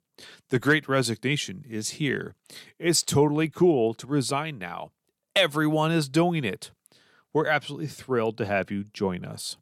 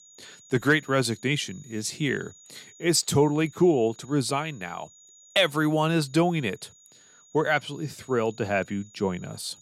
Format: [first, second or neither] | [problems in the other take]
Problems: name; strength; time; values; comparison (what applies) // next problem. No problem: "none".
first | high-pitched whine; faint; throughout; 7 kHz, 25 dB below the speech